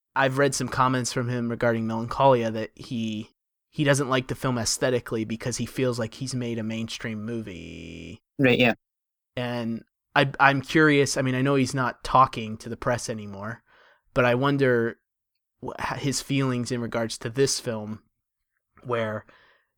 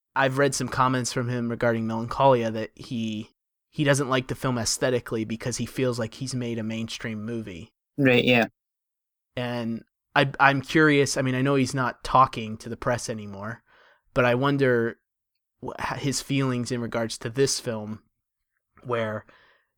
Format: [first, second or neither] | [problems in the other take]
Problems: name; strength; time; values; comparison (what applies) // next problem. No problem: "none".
second | audio freezing; at 7.5 s for 0.5 s